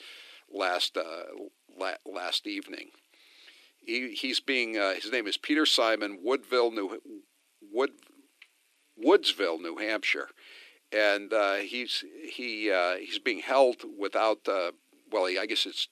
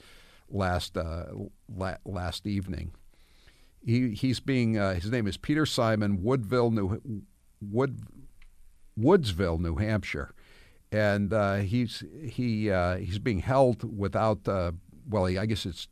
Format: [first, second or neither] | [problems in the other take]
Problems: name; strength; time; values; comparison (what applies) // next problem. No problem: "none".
second | thin; somewhat; fading below 300 Hz